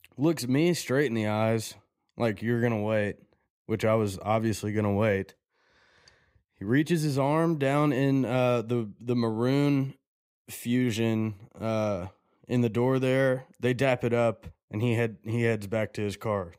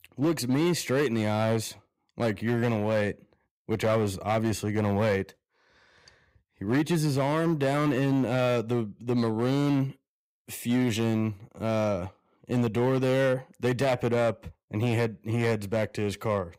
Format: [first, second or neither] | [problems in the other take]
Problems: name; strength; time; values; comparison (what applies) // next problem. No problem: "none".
first | distortion; slight; 8% of the sound clipped